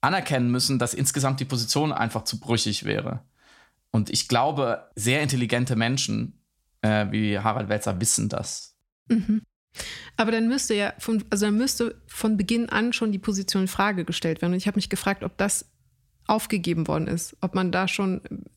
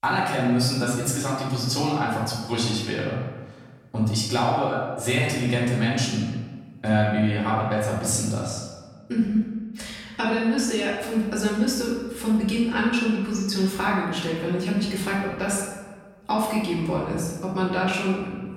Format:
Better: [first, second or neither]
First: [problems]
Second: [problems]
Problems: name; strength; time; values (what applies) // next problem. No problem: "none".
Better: first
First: none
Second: room echo; noticeable; dies away in 1.2 s // off-mic speech; far